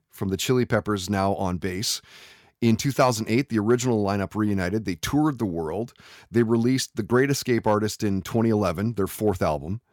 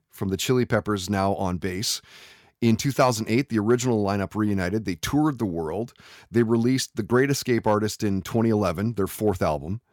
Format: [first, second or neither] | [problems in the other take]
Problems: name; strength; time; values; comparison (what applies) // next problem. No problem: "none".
neither | none